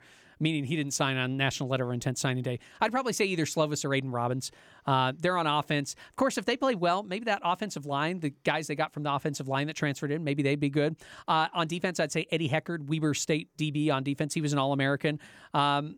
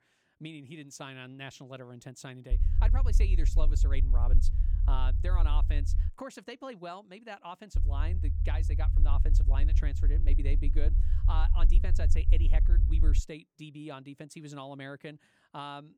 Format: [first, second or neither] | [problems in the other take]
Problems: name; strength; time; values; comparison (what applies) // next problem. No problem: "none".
first | low rumble; loud; from 2.5 to 6 s and from 8 to 13 s; 7 dB below the speech